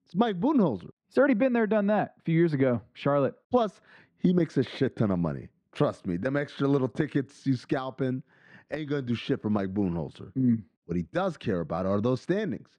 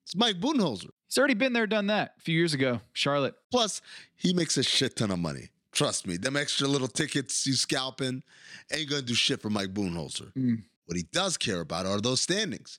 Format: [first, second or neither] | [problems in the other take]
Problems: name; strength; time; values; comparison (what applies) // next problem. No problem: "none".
second | muffled; very; fading above 3 kHz